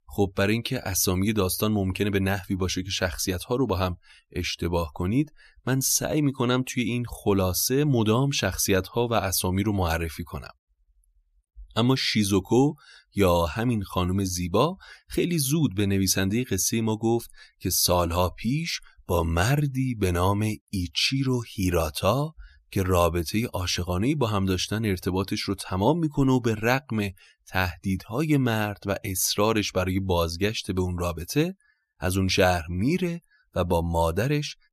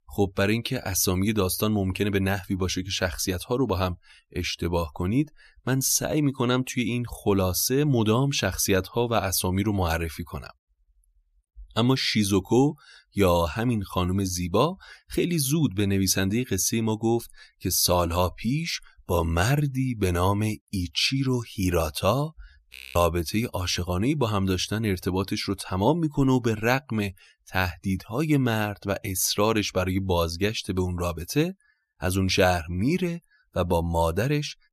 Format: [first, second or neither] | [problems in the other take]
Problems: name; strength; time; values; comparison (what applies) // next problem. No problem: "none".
first | audio freezing; at 23 s